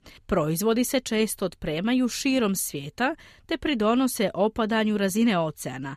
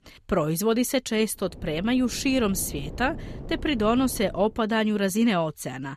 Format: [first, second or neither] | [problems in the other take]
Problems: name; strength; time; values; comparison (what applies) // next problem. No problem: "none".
first | wind noise on the microphone; occasional gusts; from 1.5 to 4.5 s; 20 dB below the speech